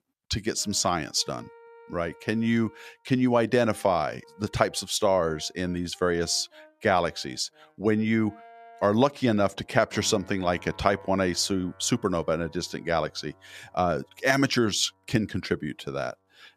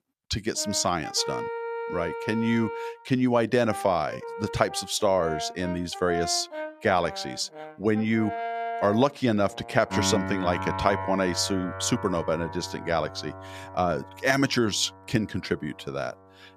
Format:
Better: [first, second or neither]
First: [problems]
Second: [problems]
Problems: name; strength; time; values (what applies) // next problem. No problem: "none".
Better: first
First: background music; faint; throughout; 25 dB below the speech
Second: background music; loud; throughout; 9 dB below the speech